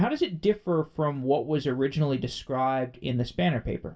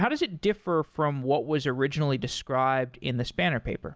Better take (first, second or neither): second